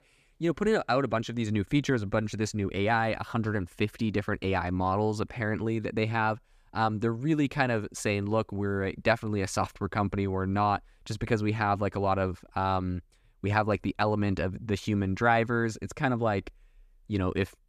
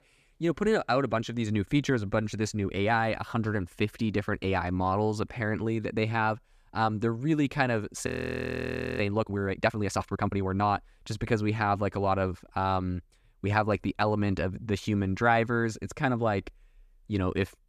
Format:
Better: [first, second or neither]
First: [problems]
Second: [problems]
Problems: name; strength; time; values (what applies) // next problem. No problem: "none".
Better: first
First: none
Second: audio freezing; at 8 s for 1 s